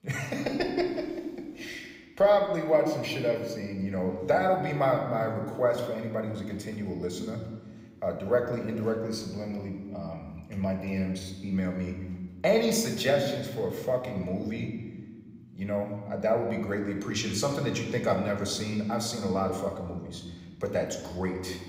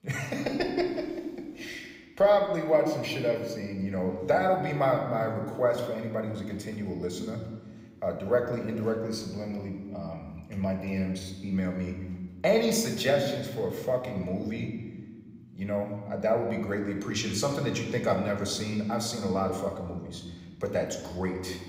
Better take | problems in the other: neither | room echo; slight; dies away in 1.3 s; the same in both // off-mic speech; somewhat distant; the same in both

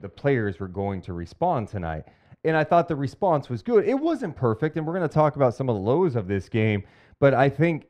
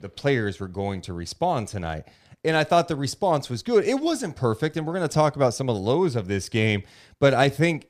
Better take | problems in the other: second | muffled; very; fading above 3.5 kHz

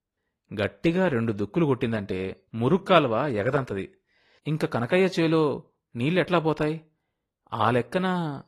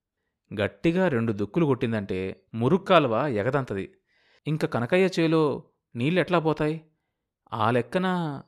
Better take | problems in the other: second | garbled, watery; slightly; nothing above 14.5 kHz

